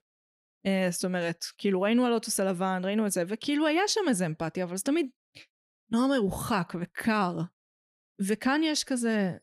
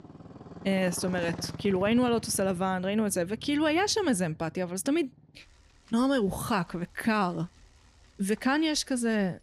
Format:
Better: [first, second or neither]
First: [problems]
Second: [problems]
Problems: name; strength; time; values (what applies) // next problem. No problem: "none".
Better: first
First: none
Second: traffic noise; noticeable; throughout; 15 dB below the speech